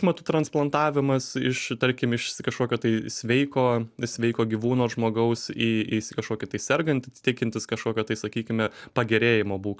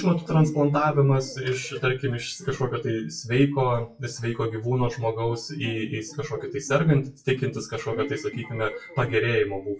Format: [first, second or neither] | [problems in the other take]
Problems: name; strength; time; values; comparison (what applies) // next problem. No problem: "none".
first | noise reduction (classical method WPE with log-MMSE)